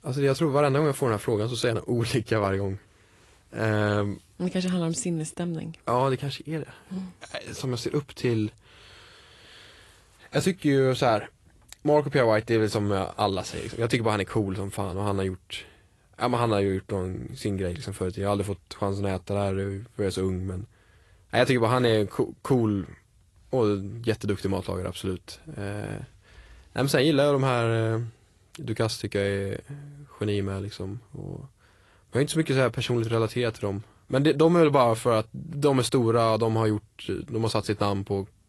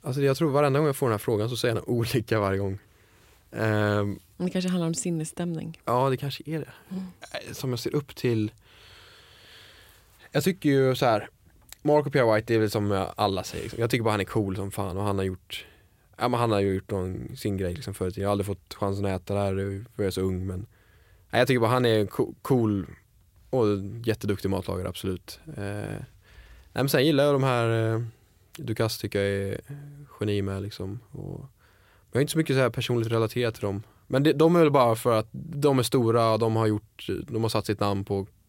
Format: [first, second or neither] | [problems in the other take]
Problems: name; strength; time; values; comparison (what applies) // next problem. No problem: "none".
second | garbled, watery; slightly; nothing above 11.5 kHz